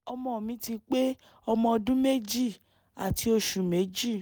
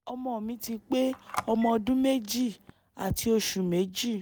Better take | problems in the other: first | background sound (Telephone); 14 dB below the speech

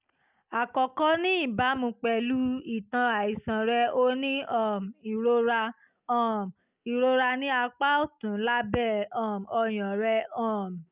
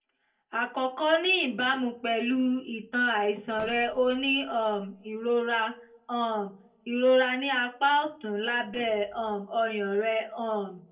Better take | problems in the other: first | noise reduction (neural separator model SepFormer DNS4)

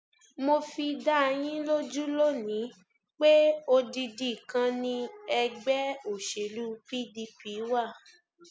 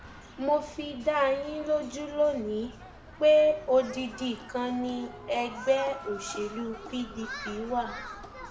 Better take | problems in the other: first | background sound (Human group actions); 15 dB below the speech // room echo; dies away in 0.8 s

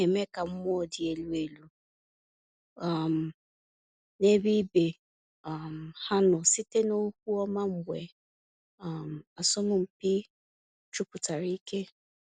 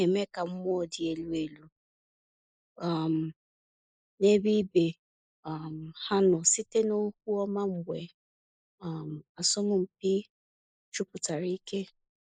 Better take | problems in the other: first | noise reduction (neural mask model Resemble Enhance denoiser)

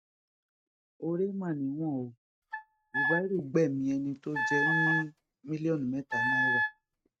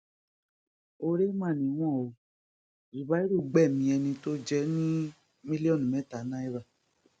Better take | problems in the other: second | noise reduction (neural mask model RNNoise)

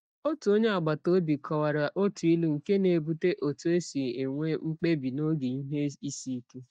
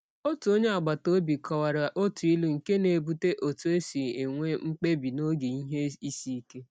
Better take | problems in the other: second | noise reduction (neural mask model DeepFilterNet 3)

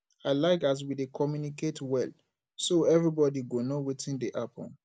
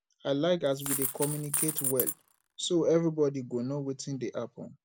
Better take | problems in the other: first | background sound (Coin (dropping)); 4 dB below the speech

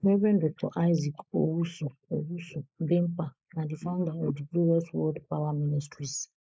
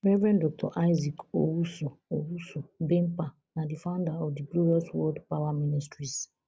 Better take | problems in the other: second | noise reduction (neural mask model Resemble Enhance denoiser)

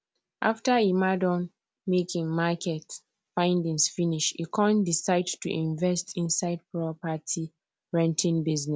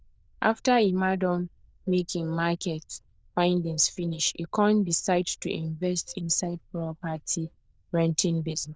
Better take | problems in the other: first | noise reduction (neural diffusion model UNIVERSE++)

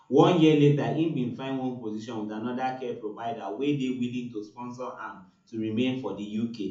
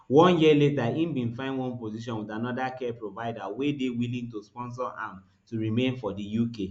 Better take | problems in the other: second | room echo; dies away in 0.4 s

